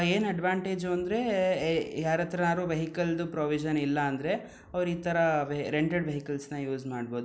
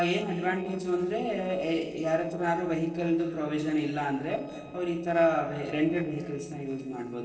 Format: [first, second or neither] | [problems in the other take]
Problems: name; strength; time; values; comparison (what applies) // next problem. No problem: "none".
first | noise reduction (neural separator model SepFormer DNS4)